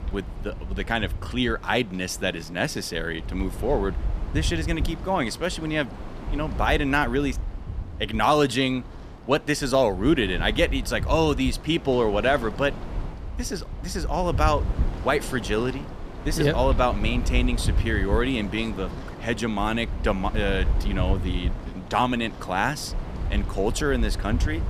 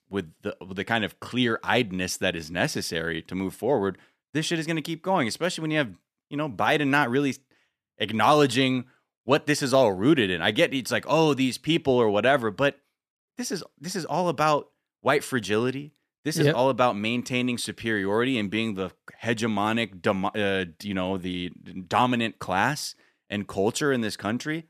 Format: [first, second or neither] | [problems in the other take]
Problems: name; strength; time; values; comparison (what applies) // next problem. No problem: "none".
second | wind noise on the microphone; occasional gusts; 15 dB below the speech